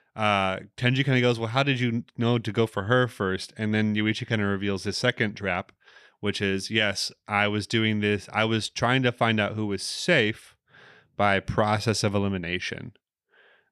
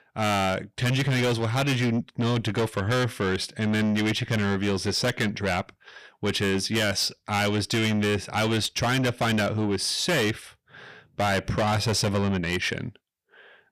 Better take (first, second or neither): first